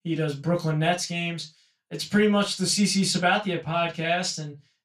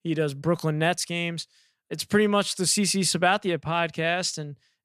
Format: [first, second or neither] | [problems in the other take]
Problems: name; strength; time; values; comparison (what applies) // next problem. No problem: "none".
second | room echo; very slight; dies away in 0.2 s // off-mic speech; far